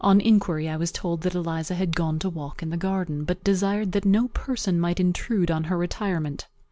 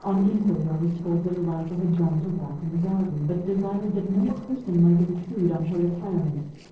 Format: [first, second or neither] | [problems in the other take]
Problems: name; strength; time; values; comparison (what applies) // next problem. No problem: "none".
first | noise reduction (neural separator model SepFormer DNS4)